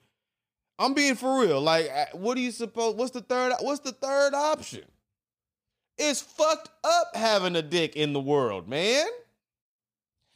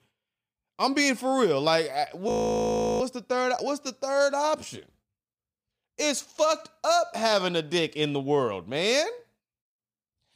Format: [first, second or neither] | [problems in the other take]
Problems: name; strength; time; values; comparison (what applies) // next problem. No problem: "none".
first | audio freezing; at 2.5 s for 0.5 s